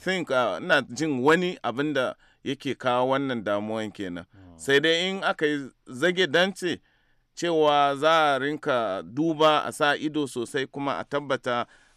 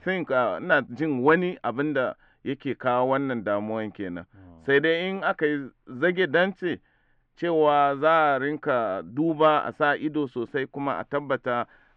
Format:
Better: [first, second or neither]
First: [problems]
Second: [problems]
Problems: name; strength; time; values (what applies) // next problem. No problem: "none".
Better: first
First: none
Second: muffled; very; fading above 2.5 kHz